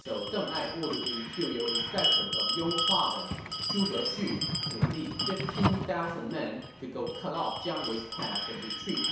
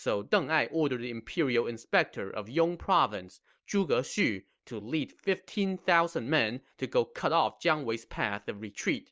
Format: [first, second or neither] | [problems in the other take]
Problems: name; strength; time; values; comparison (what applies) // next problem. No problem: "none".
second | background sound (Bell); 1 dB above the speech // room echo; dies away in 0.7 s